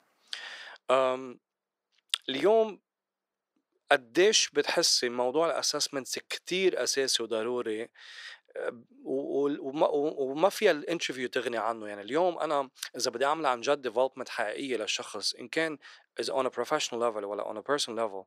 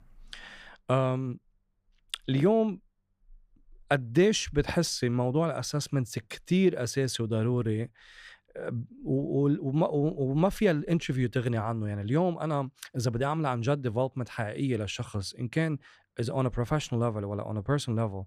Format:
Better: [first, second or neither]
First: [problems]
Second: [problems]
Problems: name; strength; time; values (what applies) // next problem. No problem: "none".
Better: second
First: thin; very; fading below 400 Hz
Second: none